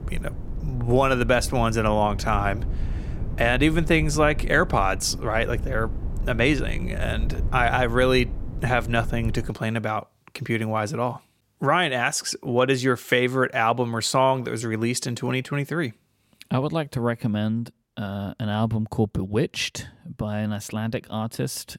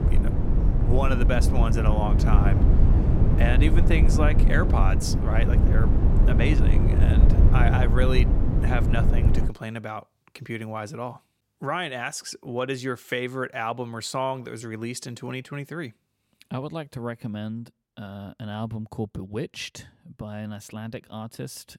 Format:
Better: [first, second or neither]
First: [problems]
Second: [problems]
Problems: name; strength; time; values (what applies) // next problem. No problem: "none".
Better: first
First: low rumble; faint; until 9.5 s; 20 dB below the speech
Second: low rumble; loud; until 9.5 s; 2 dB below the speech